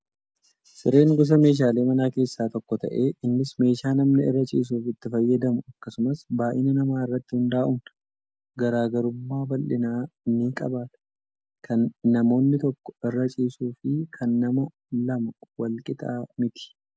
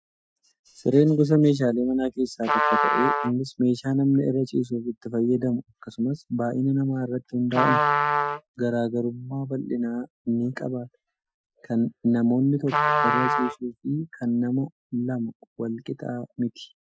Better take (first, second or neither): first